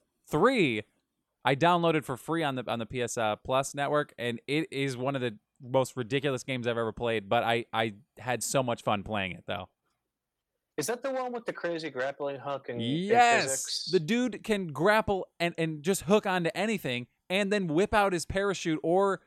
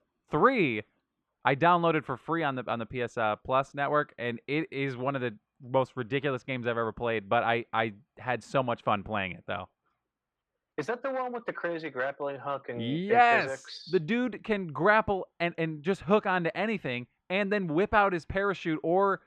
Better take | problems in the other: first | muffled; slightly; fading above 2.5 kHz

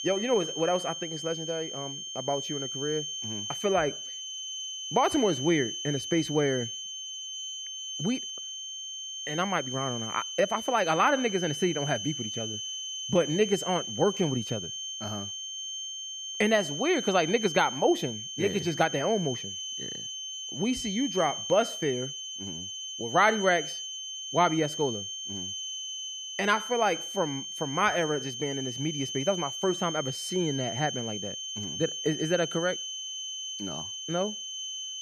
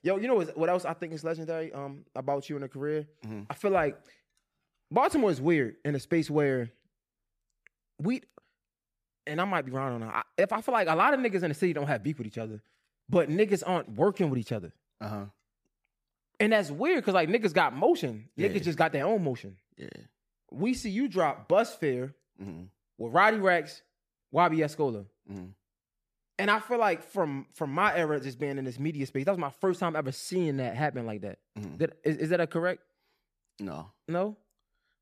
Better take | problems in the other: second | high-pitched whine; loud; throughout; 3 kHz, 5 dB below the speech

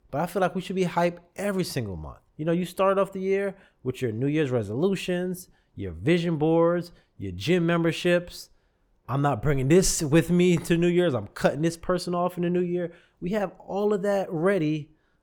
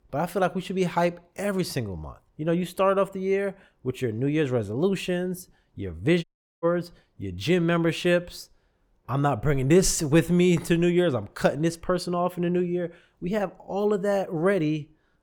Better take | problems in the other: first | audio cutting out; at 6 s

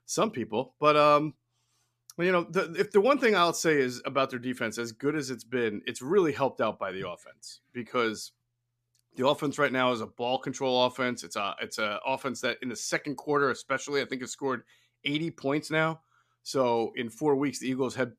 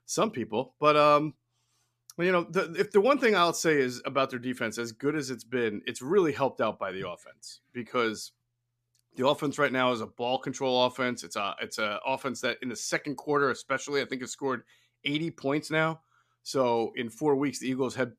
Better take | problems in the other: neither | none

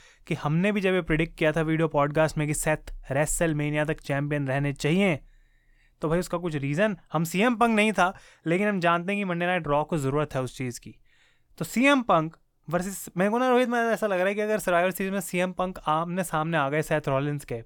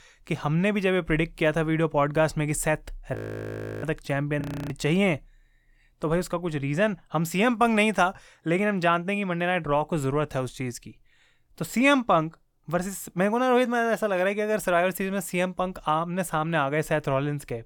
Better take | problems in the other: first | audio freezing; at 3 s for 0.5 s and at 4.5 s

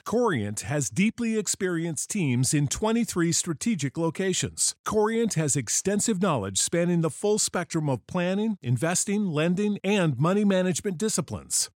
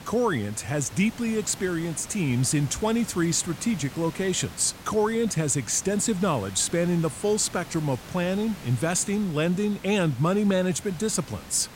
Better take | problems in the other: first | hiss; noticeable; throughout; 15 dB below the speech

